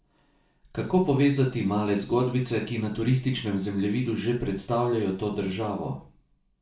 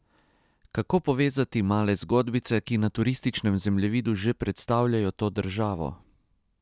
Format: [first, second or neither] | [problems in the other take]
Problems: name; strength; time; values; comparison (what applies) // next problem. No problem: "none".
second | room echo; dies away in 0.3 s